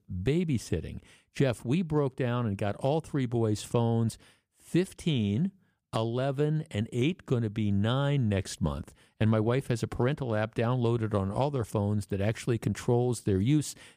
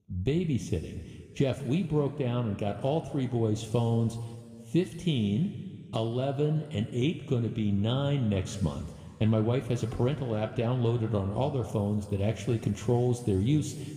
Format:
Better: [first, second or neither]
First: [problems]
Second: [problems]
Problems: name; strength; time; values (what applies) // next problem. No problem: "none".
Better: first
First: none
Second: room echo; noticeable; dies away in 1.9 s